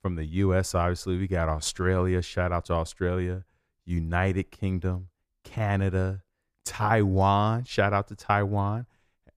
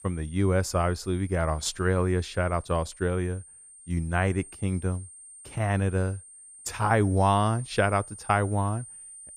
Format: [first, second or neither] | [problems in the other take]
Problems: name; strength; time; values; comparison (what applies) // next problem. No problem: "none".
first | high-pitched whine; noticeable; throughout; 9 kHz, 20 dB below the speech